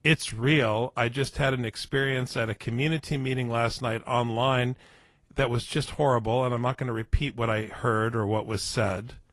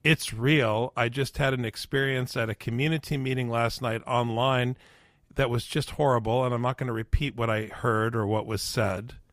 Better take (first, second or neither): second